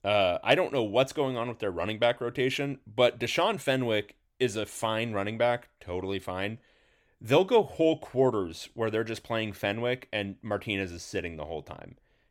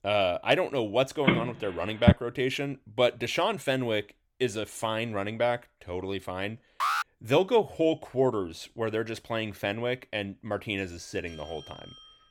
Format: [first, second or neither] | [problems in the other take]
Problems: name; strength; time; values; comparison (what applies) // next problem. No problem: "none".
first | phone ringing; loud; at 1.5 s; peak 5 dB above the speech // alarm; loud; at 7 s; peak 1 dB above the speech // doorbell; faint; from 11 s on; peak 15 dB below the speech